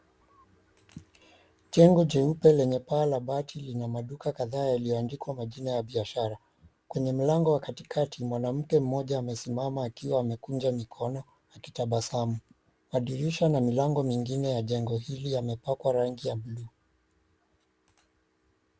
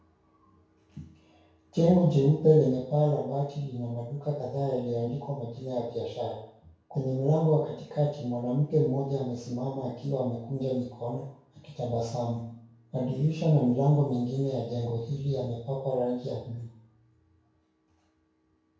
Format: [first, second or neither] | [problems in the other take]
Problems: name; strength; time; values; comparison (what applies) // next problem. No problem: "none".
first | room echo; dies away in 0.6 s